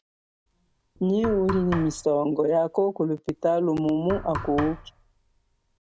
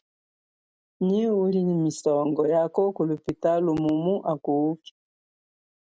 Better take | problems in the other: second | background sound (Knock); 13 dB below the speech

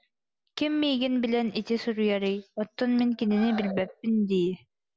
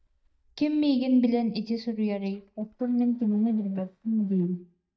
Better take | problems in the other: first | noise reduction (neural mask model DeepFilterNet 3)

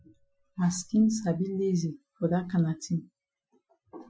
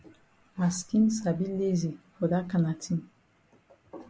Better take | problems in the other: second | noise reduction (classical method Wiener filter)

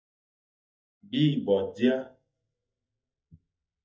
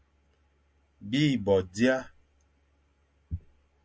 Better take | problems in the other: second | noise reduction (neural mask model DeepFilterNet 3)

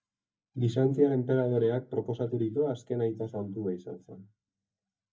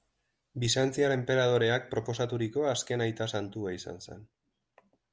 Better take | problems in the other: second | noise reduction (neural mask model DeepFilterNet 3)

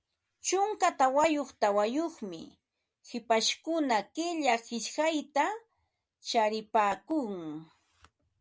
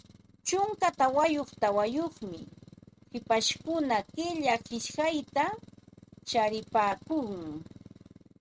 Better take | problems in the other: first | noise reduction (neural mask model RNNoise)

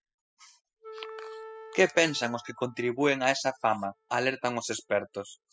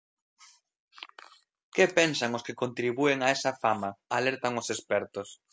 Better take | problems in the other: second | noise reduction (classical method spectral subtraction)

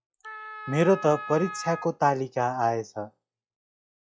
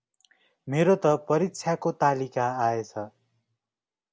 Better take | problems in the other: second | noise reduction (classical method log-MMSE)

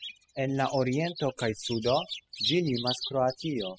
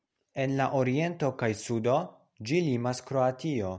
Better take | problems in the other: second | noise reduction (classical method spectral subtraction)

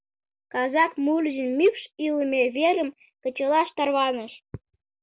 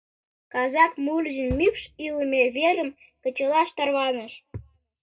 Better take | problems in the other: first | background sound (Bass drum); 17 dB below the speech // room echo; dies away in 0.2 s

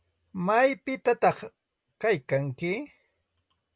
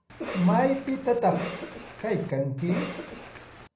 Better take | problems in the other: first | background sound (Cough); 11 dB below the speech // room echo; dies away in 0.6 s

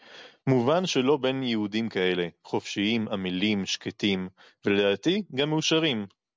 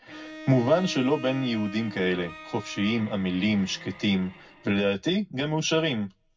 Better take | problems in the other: first | background sound (Bowed string instrument); 17 dB below the speech // room echo; dies away in 0.4 s

